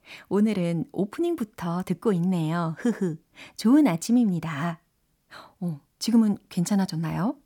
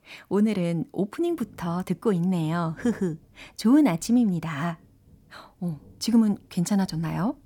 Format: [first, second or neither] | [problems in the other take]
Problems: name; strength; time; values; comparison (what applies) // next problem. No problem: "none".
first | rain or running water; faint; throughout; 30 dB below the speech